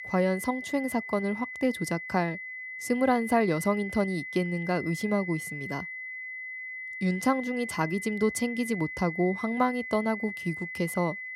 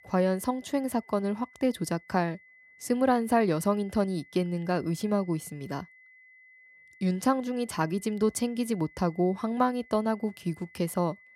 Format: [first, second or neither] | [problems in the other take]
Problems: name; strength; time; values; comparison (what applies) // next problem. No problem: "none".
second | high-pitched whine; loud; throughout; 2 kHz, 7 dB below the speech; faint in the second